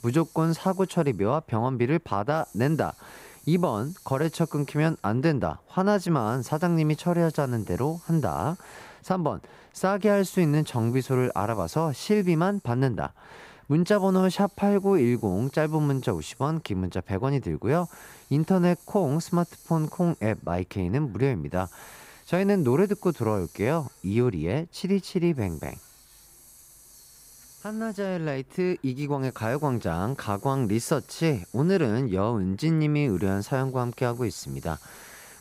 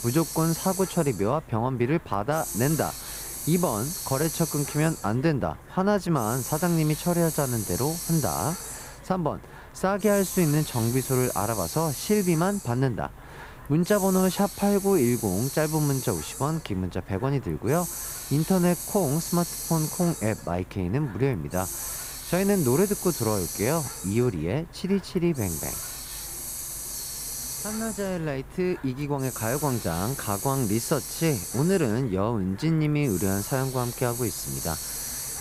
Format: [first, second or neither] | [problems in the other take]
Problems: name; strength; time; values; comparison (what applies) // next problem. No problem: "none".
first | hiss; loud; throughout; 6 dB below the speech; faint in the first